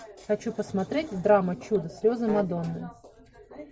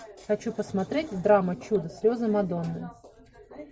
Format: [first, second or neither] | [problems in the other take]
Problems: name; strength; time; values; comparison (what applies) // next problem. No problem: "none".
second | background sound (Wind instrument, woodwind instrument); 11 dB below the speech